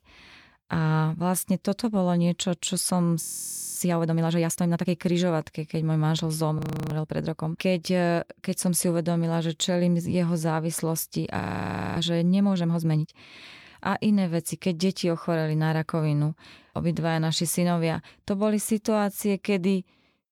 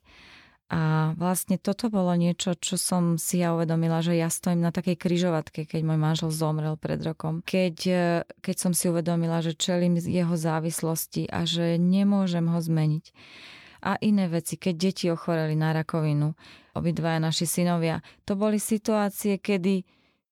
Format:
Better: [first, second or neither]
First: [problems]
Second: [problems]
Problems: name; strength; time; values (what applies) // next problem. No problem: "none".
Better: second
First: audio freezing; at 3 s for 0.5 s, at 6.5 s and at 11 s for 0.5 s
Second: none